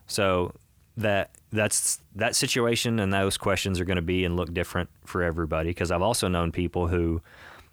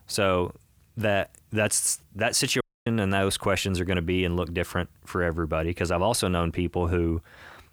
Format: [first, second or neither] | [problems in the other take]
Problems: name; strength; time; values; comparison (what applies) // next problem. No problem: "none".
first | audio cutting out; at 2.5 s